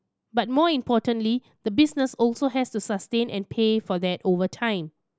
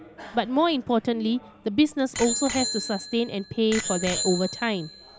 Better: first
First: none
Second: background sound (Bicycle bell); 9 dB below the speech

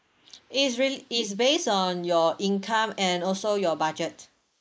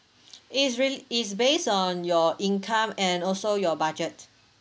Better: second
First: noise reduction (neural mask model Resemble Enhance denoiser)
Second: none

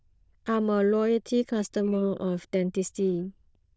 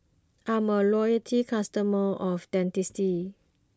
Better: second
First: noise reduction (neural diffusion model UNIVERSE++)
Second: none

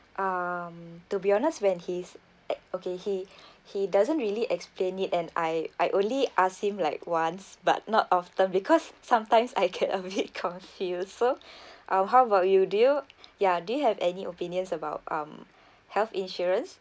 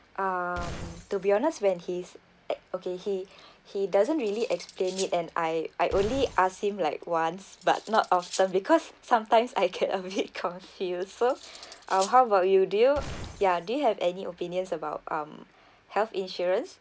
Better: first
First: none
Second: background sound (Cutlery, silverware + Glass); 15 dB below the speech

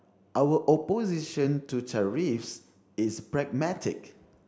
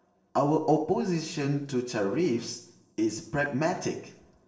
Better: first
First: none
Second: noise reduction (neural separator model SepFormer DNS4)

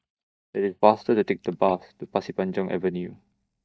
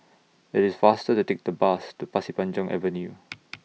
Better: second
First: noise reduction (neural mask model DeepFilterNet 3)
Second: none

